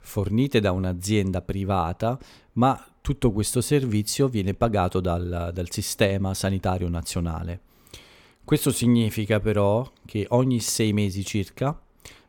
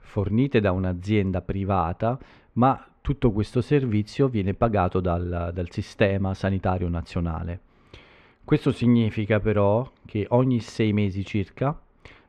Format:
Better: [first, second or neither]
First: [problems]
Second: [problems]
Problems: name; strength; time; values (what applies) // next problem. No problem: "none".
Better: first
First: none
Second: muffled; very; fading above 2 kHz